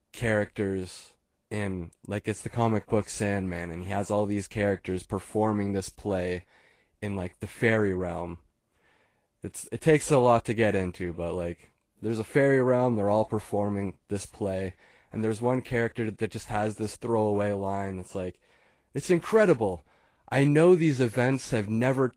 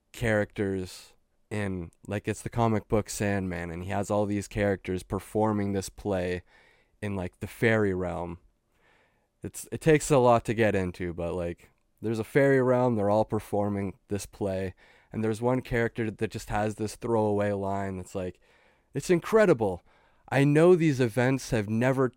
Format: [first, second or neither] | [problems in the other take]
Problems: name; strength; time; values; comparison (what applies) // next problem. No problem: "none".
second | garbled, watery; slightly; nothing above 15.5 kHz